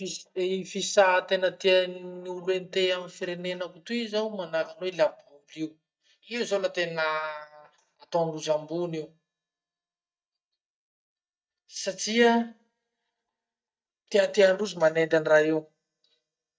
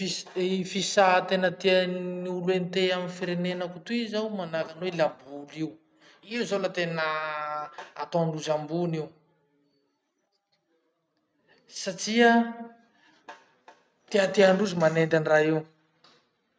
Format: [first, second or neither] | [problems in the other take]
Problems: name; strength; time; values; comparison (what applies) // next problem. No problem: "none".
second | noise reduction (neural mask model DeepFilterNet 3)